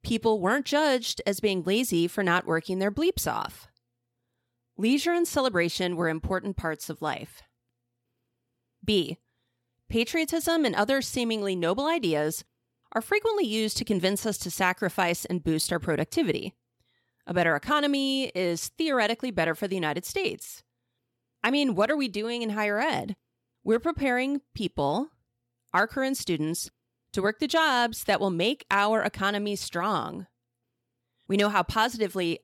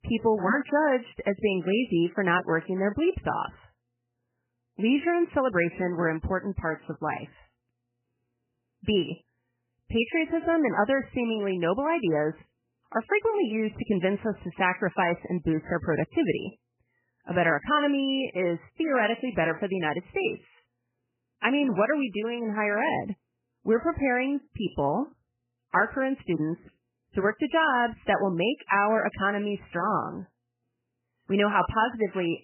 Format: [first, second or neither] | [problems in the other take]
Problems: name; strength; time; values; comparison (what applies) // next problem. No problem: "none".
first | garbled, watery; badly; nothing above 3 kHz